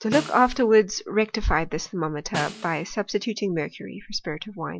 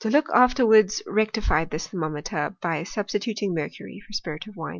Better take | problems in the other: second | background sound (Snare drum); 15 dB below the speech

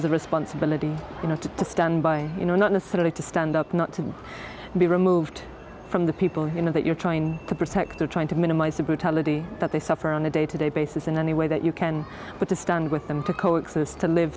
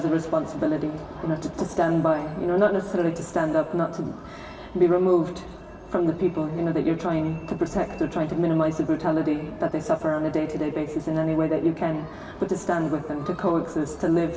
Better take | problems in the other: first | room echo; dies away in 1.2 s

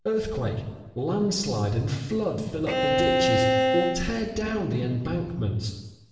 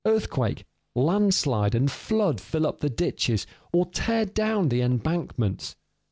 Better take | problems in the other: second | background sound (Bowed string instrument); 2 dB above the speech // room echo; dies away in 1.1 s

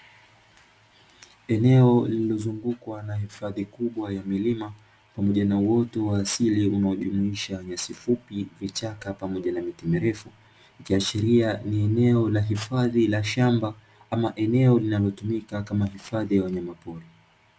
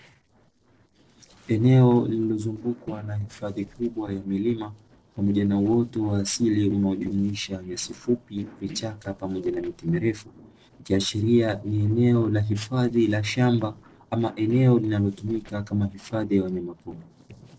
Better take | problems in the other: first | noise reduction (neural separator model SepFormer DNS4)

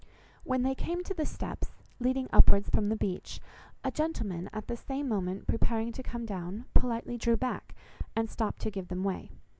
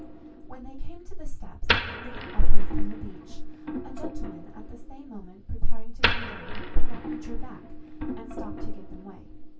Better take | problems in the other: first | background sound (Wood); 14 dB below the speech // room echo; dies away in 0.2 s

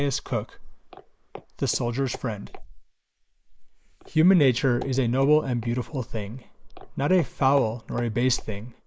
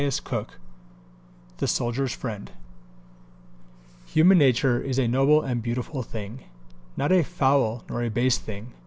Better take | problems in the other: second | noise reduction (neural mask model Resemble Enhance denoiser)

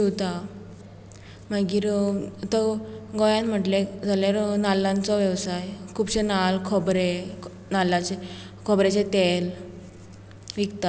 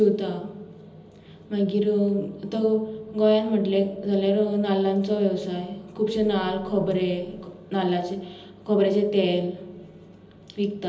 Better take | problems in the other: first | room echo; dies away in 1.2 s

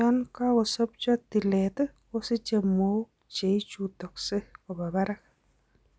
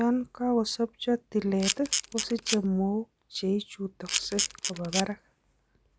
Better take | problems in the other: first | background sound (Camera); 2 dB below the speech

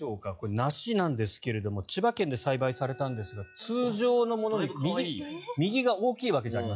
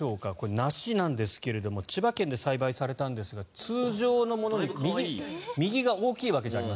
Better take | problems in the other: second | noise reduction (classical method log-MMSE)

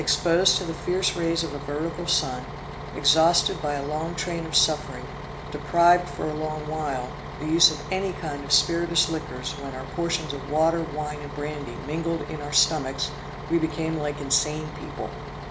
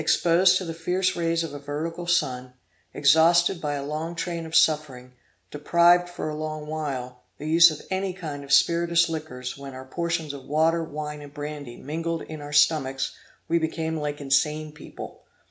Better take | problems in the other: second | background sound (Bus); 9 dB below the speech

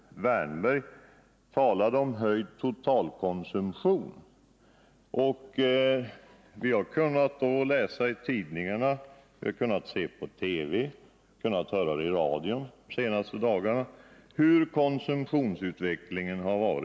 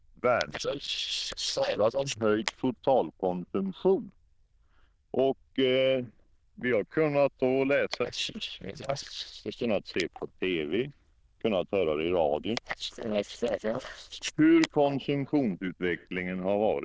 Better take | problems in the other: first | noise reduction (neural diffusion model UNIVERSE++)

